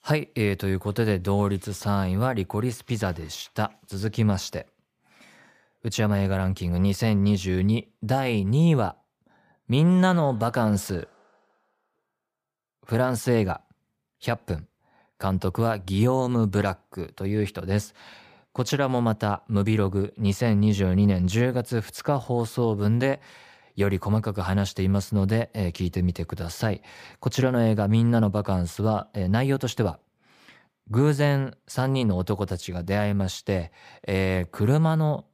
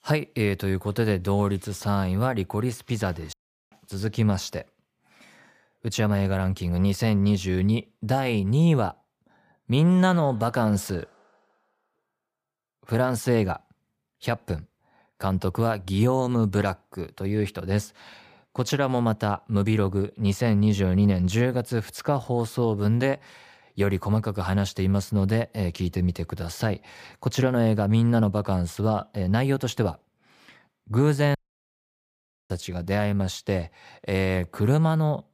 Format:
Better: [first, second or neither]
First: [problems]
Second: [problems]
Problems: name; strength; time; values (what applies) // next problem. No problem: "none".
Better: first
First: none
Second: audio cutting out; at 3.5 s and at 31 s for 1 s